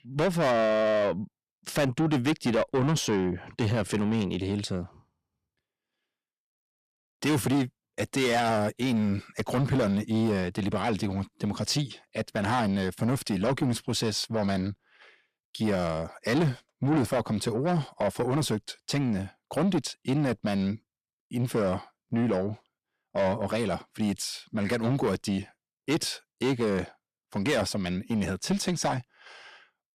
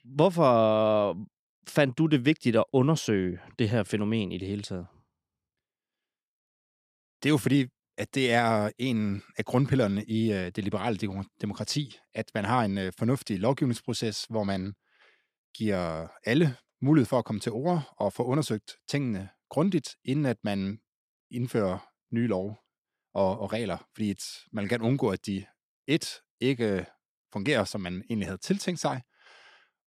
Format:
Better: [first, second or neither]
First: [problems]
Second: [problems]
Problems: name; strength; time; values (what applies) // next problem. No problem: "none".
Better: second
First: distortion; heavy; 7 dB below the speech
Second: none